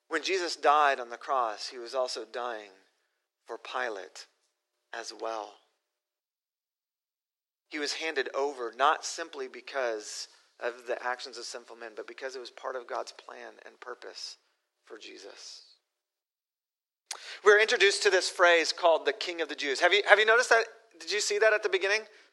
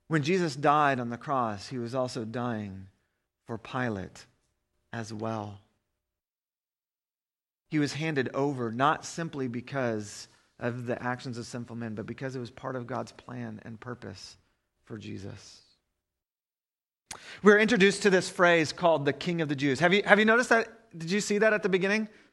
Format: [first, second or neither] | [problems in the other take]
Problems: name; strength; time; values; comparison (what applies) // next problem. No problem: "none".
second | thin; very; fading below 400 Hz